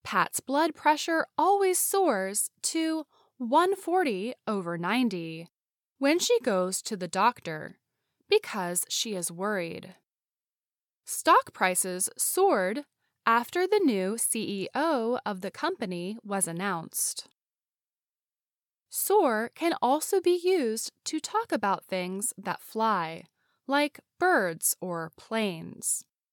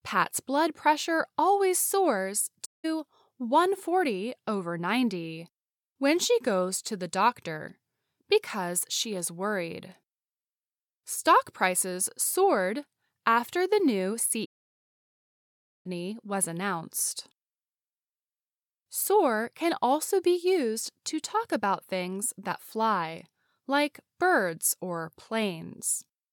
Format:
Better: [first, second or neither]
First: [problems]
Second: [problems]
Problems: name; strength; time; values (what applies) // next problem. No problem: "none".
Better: first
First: none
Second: audio cutting out; at 2.5 s and at 14 s for 1.5 s